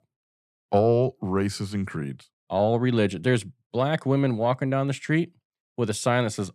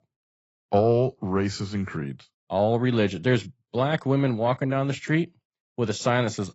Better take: first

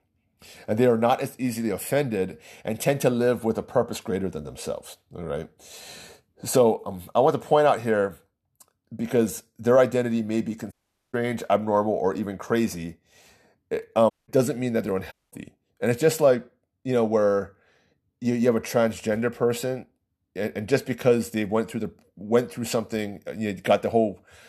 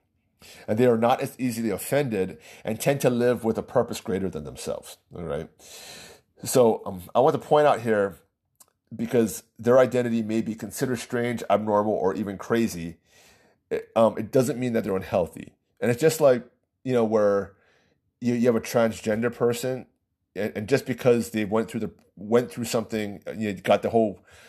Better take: second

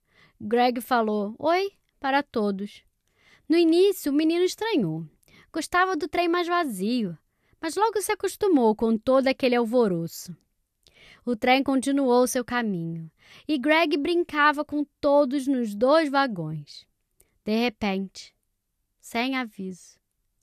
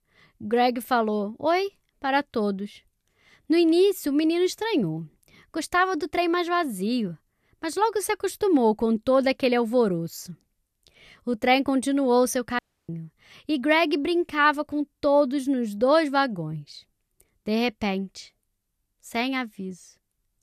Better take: first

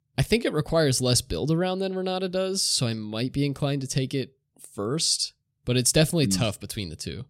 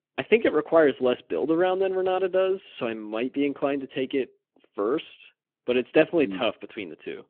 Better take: first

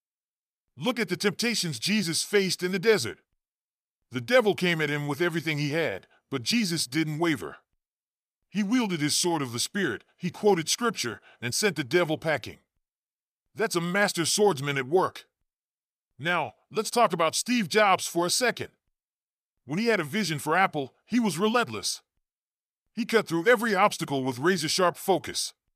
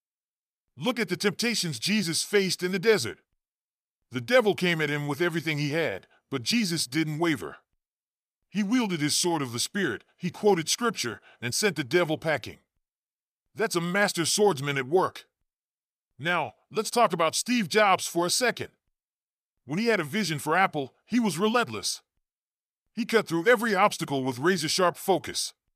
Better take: neither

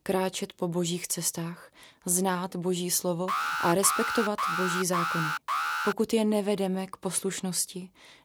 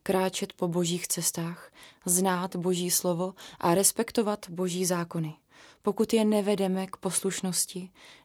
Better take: second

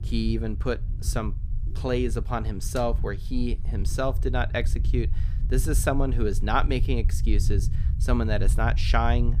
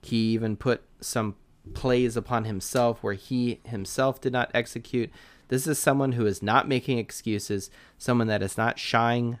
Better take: second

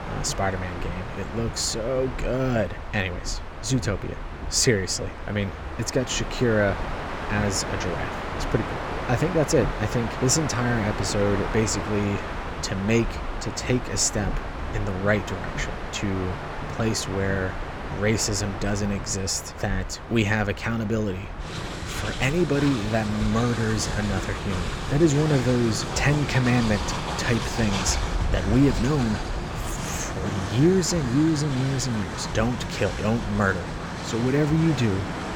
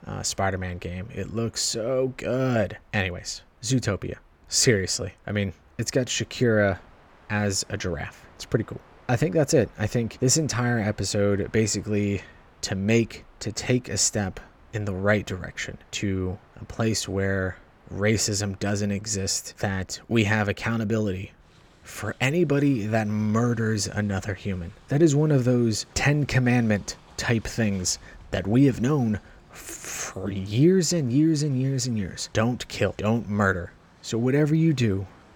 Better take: second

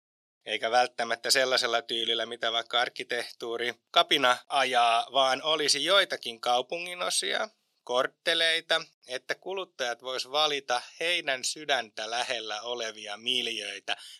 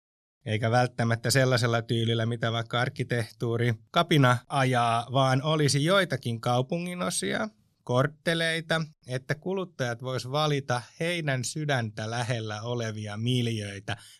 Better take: second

